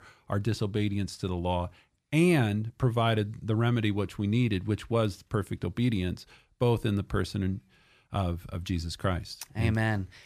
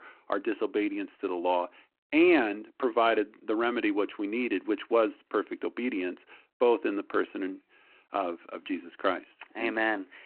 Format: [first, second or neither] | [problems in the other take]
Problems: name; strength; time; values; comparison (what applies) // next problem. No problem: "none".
first | phone-call audio